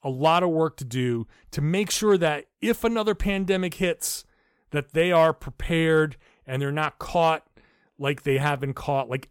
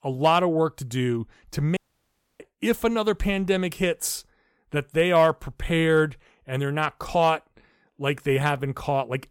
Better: first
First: none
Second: audio cutting out; at 2 s for 0.5 s

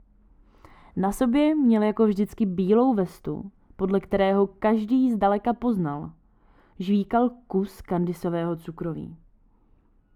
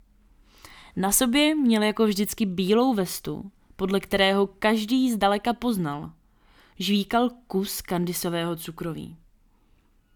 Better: second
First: muffled; very; fading above 2 kHz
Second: none

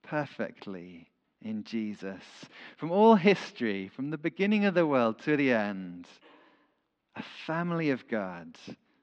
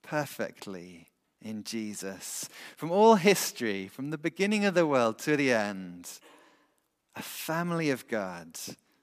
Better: second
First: muffled; slightly; fading above 4 kHz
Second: none

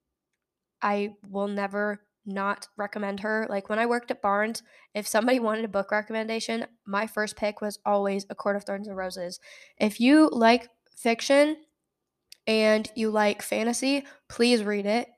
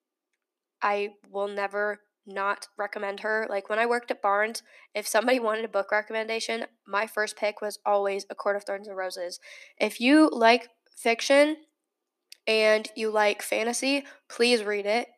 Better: first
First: none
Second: thin; very slightly; fading below 250 Hz

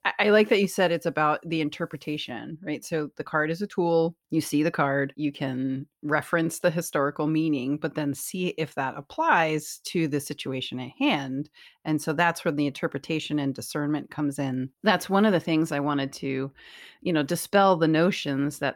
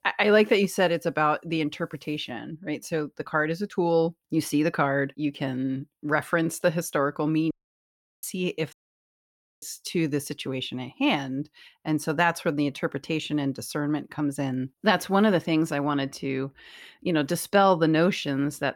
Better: first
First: none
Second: audio cutting out; at 7.5 s for 0.5 s and at 8.5 s for 1 s

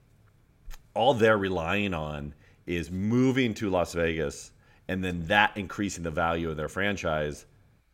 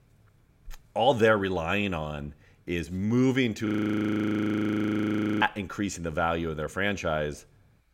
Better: first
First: none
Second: audio freezing; at 3.5 s for 2 s

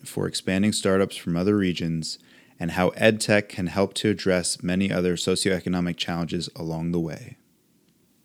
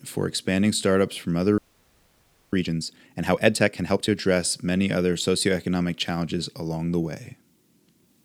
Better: first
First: none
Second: audio freezing; at 1.5 s for 1 s

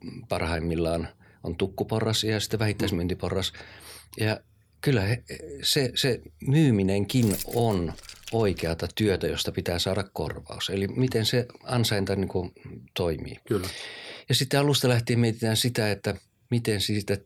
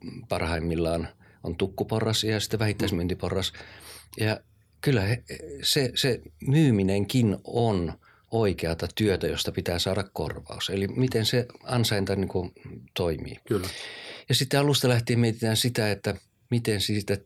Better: second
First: jangling keys; noticeable; from 7 to 8.5 s; peak 6 dB below the speech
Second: none

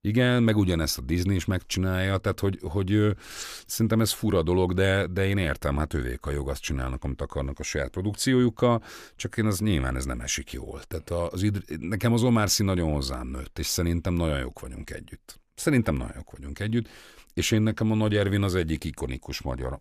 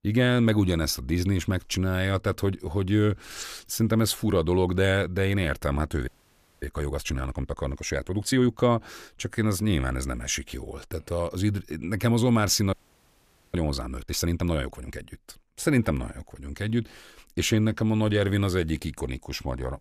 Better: first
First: none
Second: audio freezing; at 6 s for 0.5 s and at 13 s for 1 s

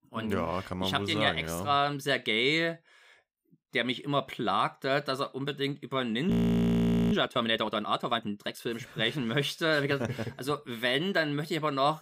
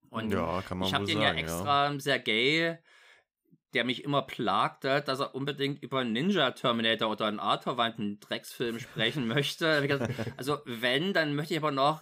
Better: second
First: audio freezing; at 6.5 s for 1 s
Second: none

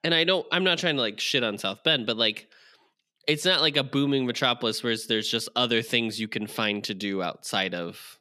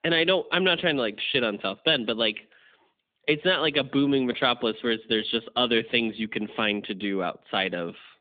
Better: first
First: none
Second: phone-call audio; nothing above 3.5 kHz

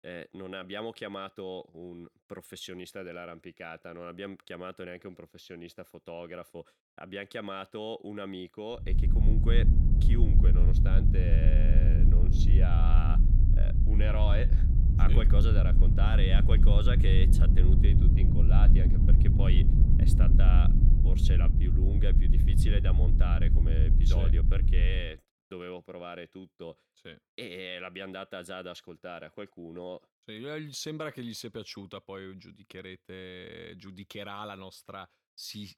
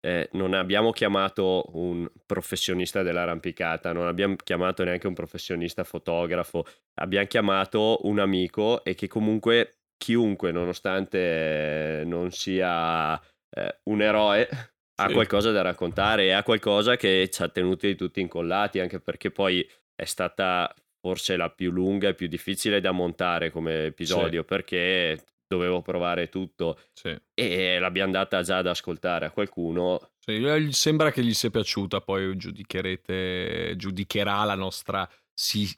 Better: second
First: low rumble; loud; from 9 to 25 s; 1 dB below the speech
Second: none

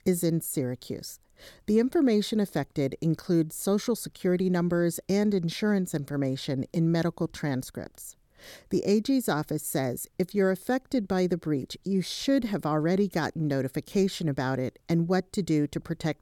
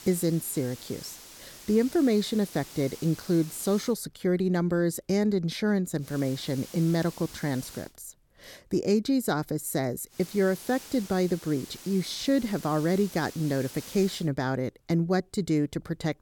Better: first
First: none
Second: hiss; noticeable; until 4 s, from 6 to 8 s and from 10 to 14 s; 15 dB below the speech

